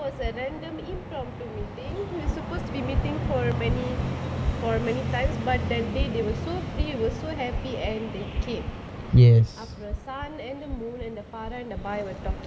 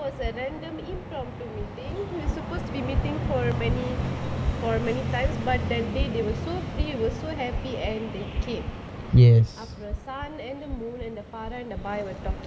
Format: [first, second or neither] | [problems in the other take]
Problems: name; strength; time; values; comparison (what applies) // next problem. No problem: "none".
first | background sound (Walk, footsteps); 16 dB below the speech